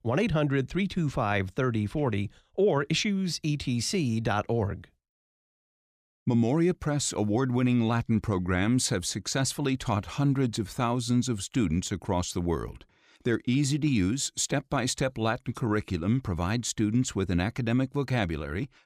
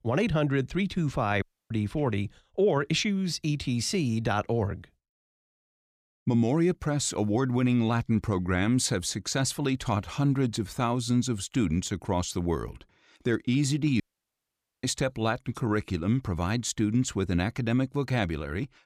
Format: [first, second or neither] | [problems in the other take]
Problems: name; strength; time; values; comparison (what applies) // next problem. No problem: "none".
first | audio cutting out; at 1.5 s and at 14 s for 1 s